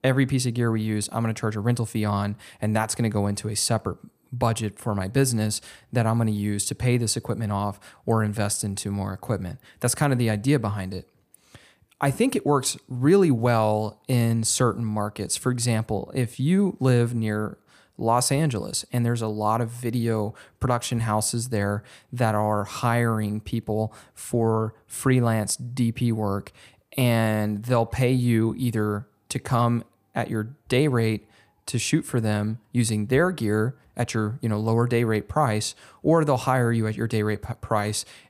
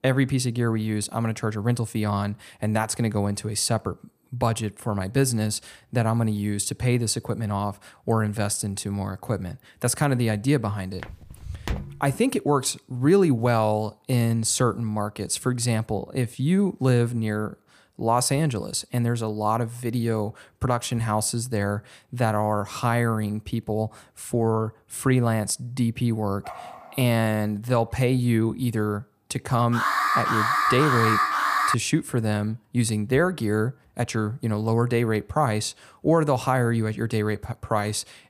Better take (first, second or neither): first